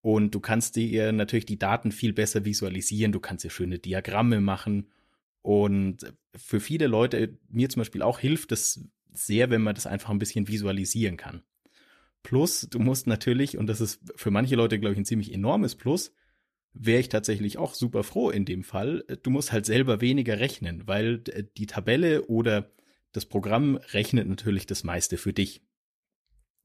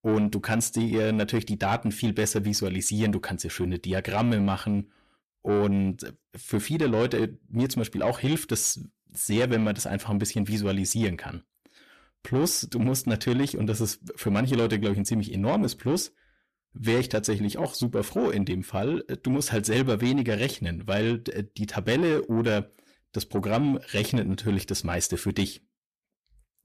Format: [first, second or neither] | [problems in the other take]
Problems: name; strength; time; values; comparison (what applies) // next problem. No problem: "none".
first | distortion; slight; 10 dB below the speech